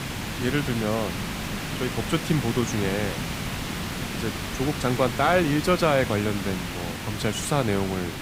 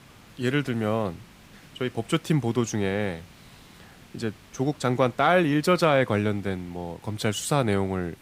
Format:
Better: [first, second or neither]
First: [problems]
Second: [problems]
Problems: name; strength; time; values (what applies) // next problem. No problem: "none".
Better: second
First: hiss; loud; throughout; 5 dB below the speech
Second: hiss; faint; throughout; 25 dB below the speech